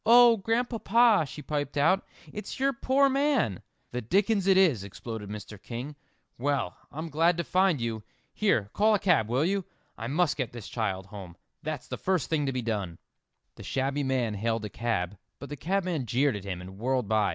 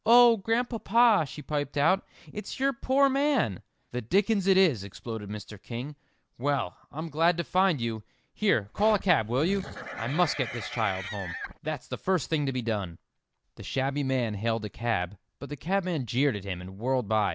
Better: first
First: none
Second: background sound (Livestock, farm animals, working animals); 11 dB below the speech

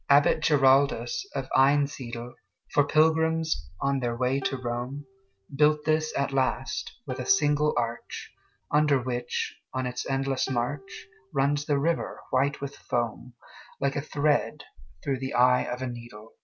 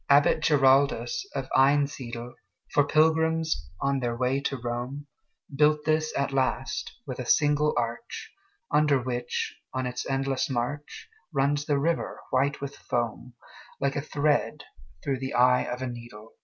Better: second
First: background sound (Plucked string instrument); 20 dB below the speech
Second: none

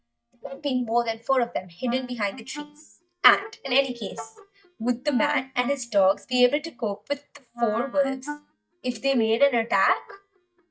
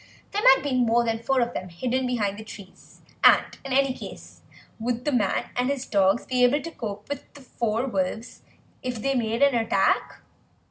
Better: second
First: noise reduction (neural mask model DeepFilterNet 3)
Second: none

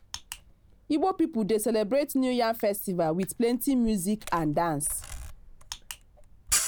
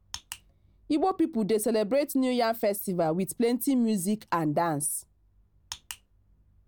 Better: second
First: background sound (Camera); 11 dB below the speech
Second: none

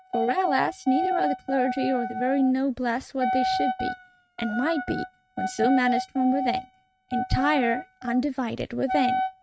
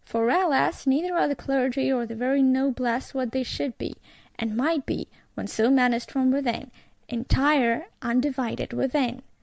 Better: second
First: noise reduction (neural mask model RNNoise)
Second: none

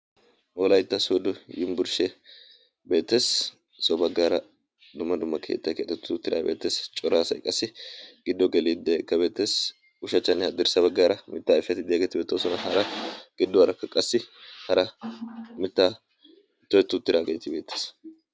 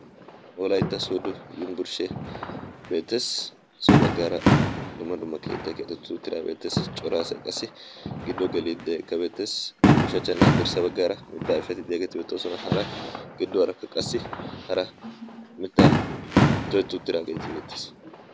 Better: first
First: none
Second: background sound (Fireworks); 3 dB above the speech

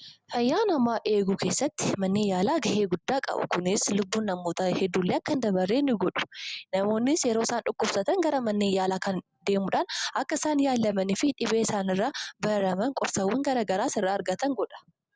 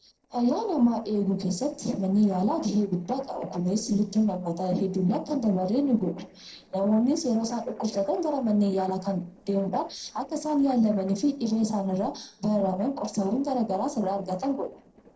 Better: first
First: none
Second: noise reduction (neural separator model SepFormer DNS4)

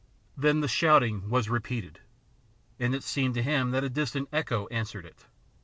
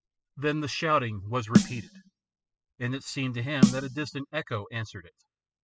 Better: first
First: none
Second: noise reduction (classical method spectral subtraction)

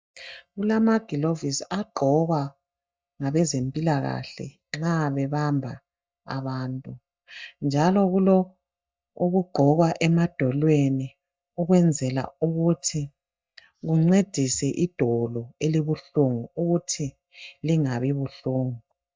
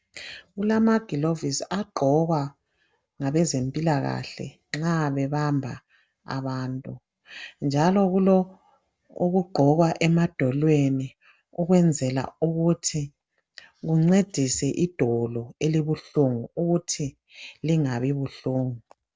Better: second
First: noise reduction (neural mask model DeepFilterNet 3)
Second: none

